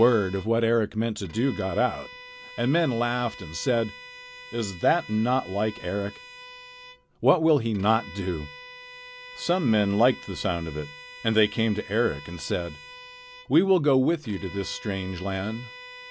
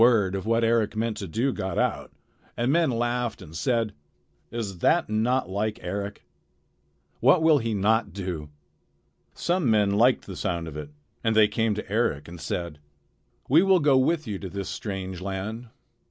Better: second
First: background sound (Bowed string instrument); 18 dB below the speech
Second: none

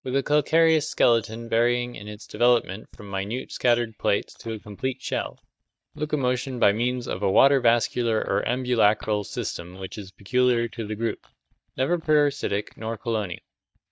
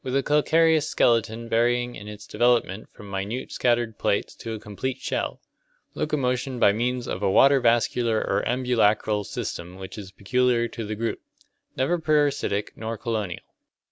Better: second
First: noise reduction (neural mask model DeepFilterNet 3)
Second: none

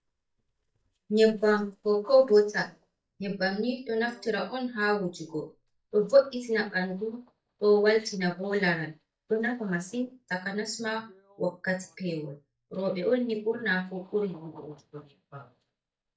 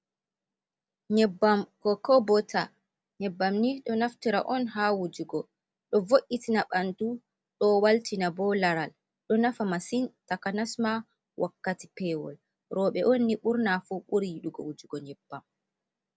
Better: second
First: noise reduction (neural mask model DeepFilterNet 3)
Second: none

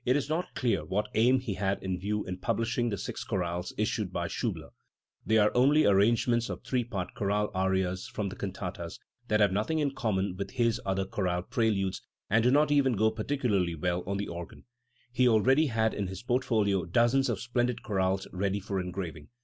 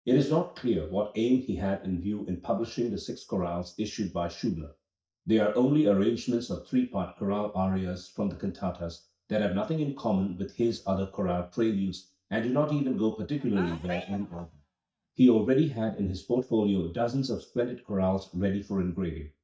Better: first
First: none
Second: noise reduction (neural mask model DeepFilterNet 3)

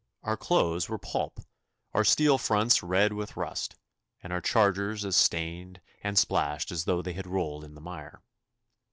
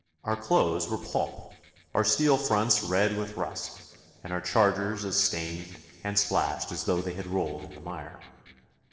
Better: first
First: none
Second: noise reduction (neural separator model SepFormer DNS4)

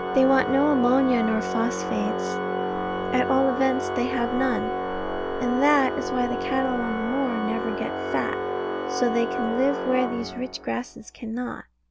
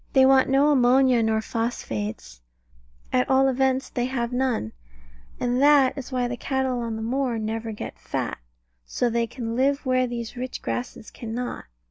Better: second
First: background sound (Organ); 3 dB below the speech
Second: none

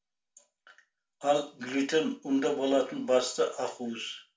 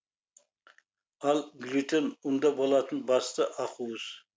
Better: second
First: room echo; dies away in 0.3 s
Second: none

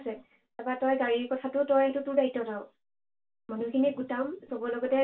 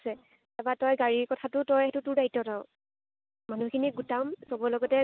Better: second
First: room echo; dies away in 0.2 s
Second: none

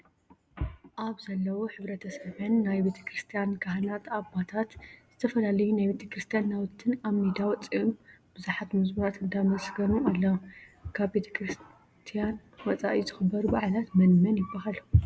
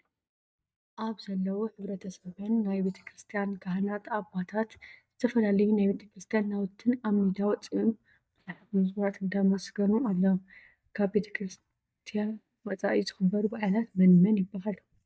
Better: first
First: none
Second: noise reduction (neural mask model DeepFilterNet 3)

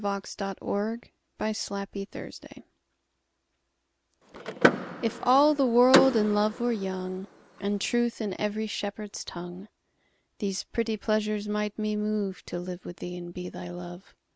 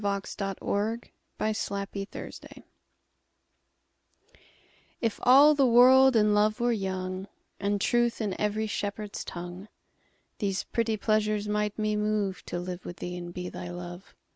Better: second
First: background sound (Door / Car); 1 dB below the speech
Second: none

